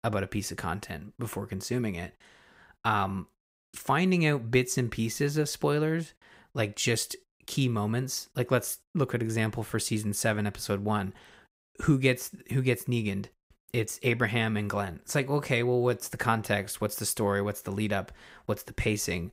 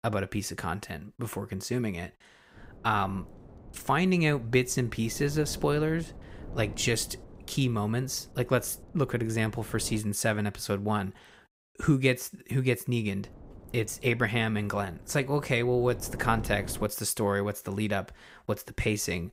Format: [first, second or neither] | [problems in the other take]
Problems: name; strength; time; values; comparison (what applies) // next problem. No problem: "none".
first | wind noise on the microphone; occasional gusts; from 2.5 to 10 s and from 13 to 17 s; 20 dB below the speech